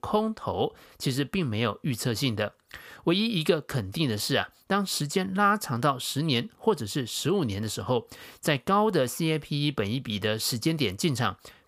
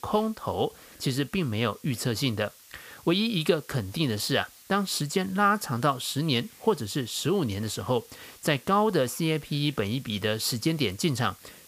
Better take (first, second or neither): first